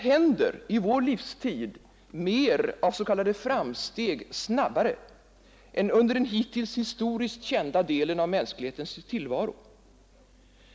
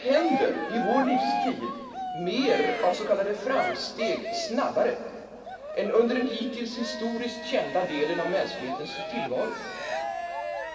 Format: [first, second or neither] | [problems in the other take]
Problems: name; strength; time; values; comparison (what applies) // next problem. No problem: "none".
first | background sound (Cheering); 6 dB below the speech // room echo; dies away in 2.4 s